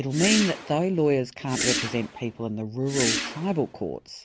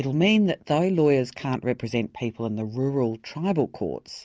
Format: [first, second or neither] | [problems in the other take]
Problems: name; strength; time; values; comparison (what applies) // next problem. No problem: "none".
second | background sound (Whoosh, swoosh, swish); 5 dB below the speech